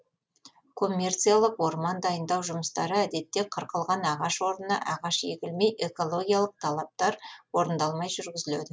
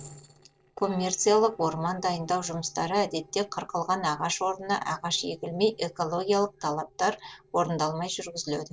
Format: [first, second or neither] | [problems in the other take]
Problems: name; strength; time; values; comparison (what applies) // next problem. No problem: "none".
first | noise reduction (neural separator model SepFormer DNS4)